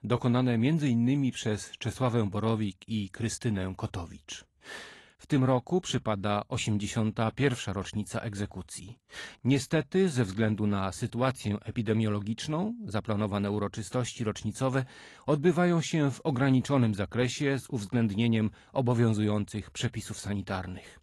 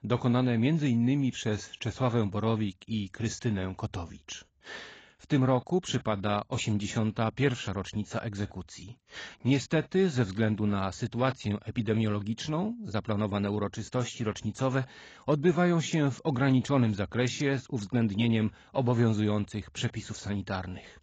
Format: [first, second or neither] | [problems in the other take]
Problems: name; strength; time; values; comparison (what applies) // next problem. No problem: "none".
first | garbled, watery; badly; nothing above 7.5 kHz; slightly in the first